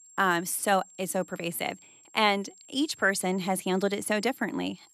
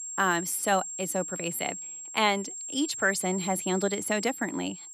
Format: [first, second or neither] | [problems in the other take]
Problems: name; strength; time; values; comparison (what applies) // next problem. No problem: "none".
first | high-pitched whine; loud; throughout; 7.5 kHz, 7 dB below the speech; faint in the first